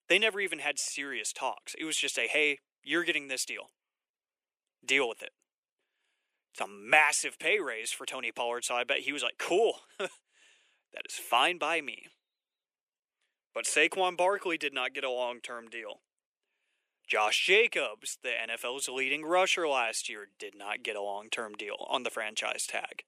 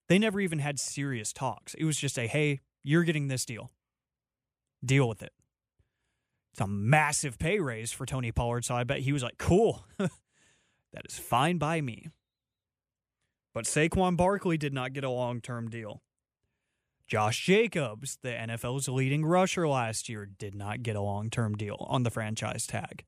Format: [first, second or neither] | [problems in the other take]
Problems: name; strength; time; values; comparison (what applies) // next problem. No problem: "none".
second | thin; very; fading below 350 Hz